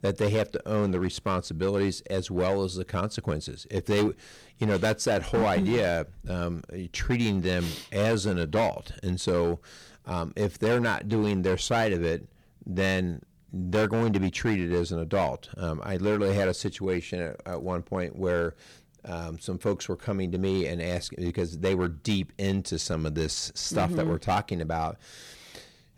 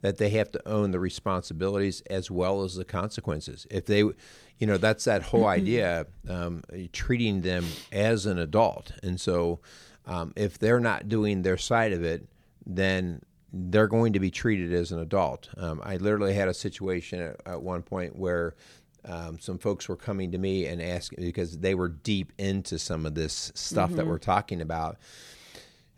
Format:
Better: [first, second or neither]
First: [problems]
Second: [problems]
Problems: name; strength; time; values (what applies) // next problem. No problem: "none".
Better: second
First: distortion; slight; 7% of the sound clipped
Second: none